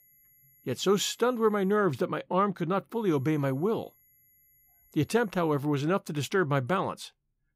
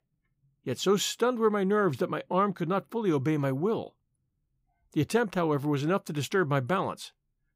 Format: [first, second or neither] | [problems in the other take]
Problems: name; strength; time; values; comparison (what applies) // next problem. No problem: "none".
second | high-pitched whine; faint; until 2 s and from 3 to 5.5 s; 11.5 kHz, 30 dB below the speech